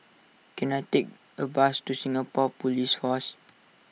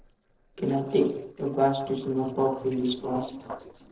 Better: first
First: none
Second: noise reduction (neural separator model SepFormer DNS4)

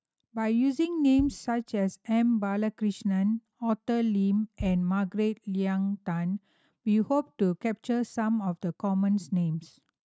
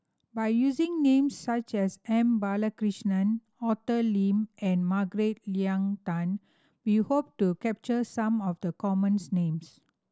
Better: second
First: noise reduction (neural mask model RNNoise)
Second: none

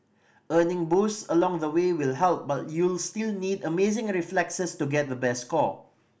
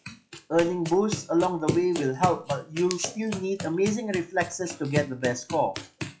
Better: first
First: none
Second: noise reduction (classical method log-MMSE)

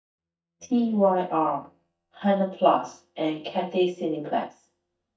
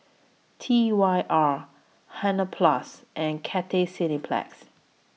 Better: second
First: noise reduction (neural mask model DeepFilterNet 3)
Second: none

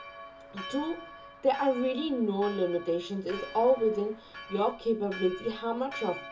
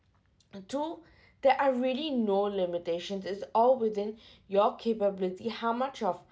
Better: second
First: background sound (Church bell); 14 dB below the speech // room echo; dies away in 0.2 s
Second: none

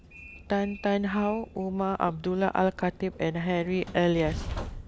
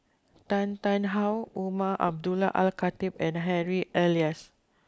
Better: second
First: background sound (Train); 13 dB below the speech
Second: none

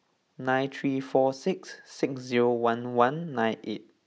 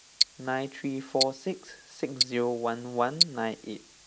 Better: first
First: none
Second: background sound (Tick-tock); 1 dB below the speech

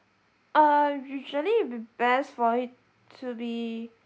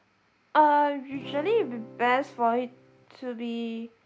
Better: first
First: none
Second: background sound (Acoustic guitar / Strum); 19 dB below the speech

